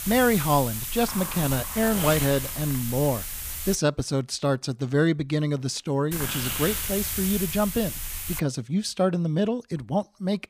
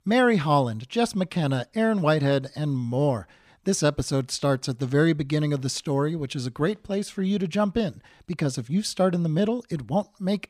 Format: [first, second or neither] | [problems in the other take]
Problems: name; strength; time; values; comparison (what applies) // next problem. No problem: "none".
second | hiss; loud; until 4 s and from 6 to 8.5 s; 4 dB below the speech